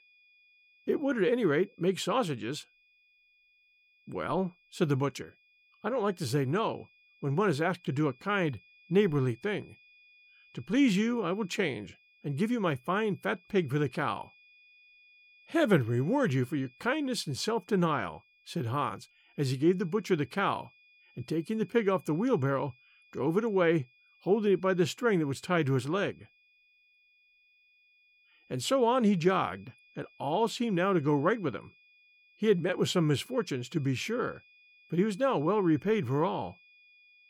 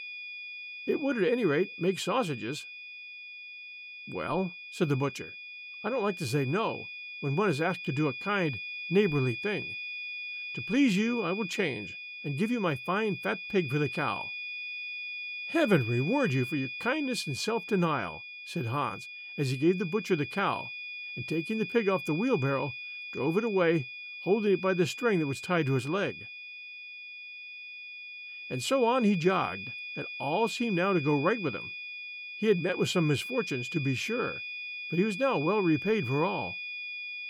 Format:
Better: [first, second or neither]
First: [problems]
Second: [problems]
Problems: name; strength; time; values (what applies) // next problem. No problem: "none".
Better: first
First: high-pitched whine; faint; throughout; 2.5 kHz, 30 dB below the speech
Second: high-pitched whine; loud; throughout; 2.5 kHz, 8 dB below the speech